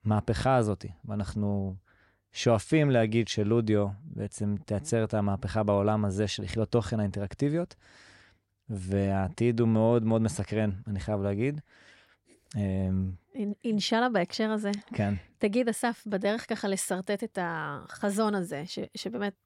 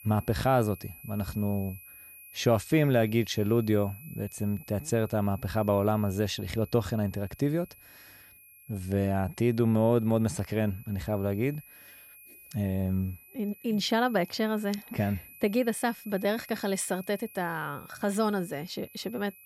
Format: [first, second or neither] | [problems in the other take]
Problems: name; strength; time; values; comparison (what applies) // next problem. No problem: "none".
first | high-pitched whine; noticeable; throughout; 12 kHz, 20 dB below the speech